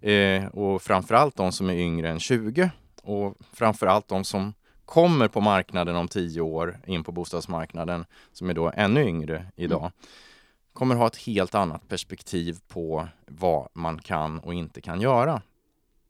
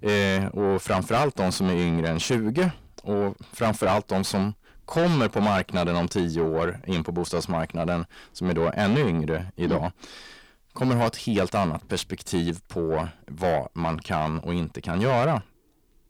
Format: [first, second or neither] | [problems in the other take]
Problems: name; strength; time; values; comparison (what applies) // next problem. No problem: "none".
first | distortion; heavy; 6 dB below the speech